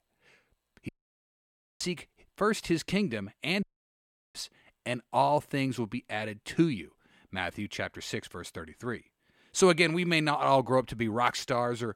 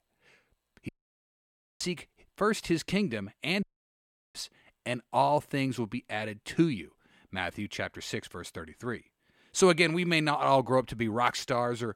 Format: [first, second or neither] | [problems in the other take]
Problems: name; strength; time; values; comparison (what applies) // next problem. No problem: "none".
neither | audio cutting out; at 1 s for 1 s and at 3.5 s for 0.5 s; the same in both